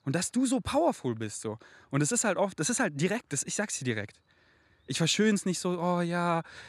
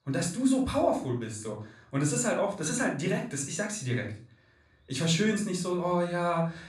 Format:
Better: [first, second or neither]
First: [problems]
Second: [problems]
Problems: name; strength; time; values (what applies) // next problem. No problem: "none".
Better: first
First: none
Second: off-mic speech; somewhat distant // room echo; slight; dies away in 0.4 s